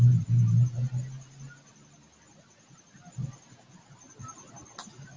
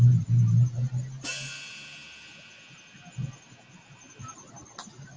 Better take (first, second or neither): first